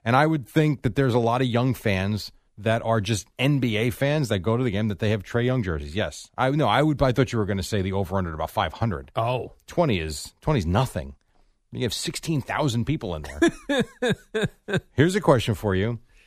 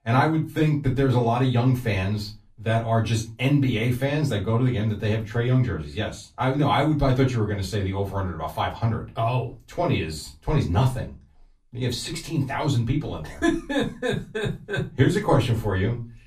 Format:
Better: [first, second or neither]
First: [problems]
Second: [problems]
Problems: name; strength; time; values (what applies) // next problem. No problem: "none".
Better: first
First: none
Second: off-mic speech; far // room echo; very slight; dies away in 0.2 s